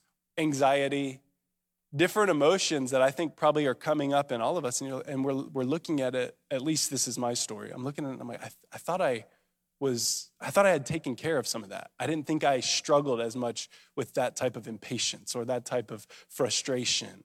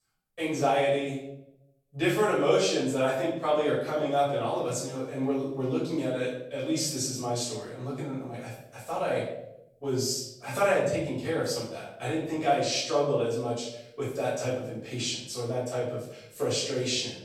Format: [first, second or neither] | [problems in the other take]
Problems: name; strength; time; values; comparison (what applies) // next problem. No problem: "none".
first | off-mic speech; far // room echo; noticeable; dies away in 0.7 s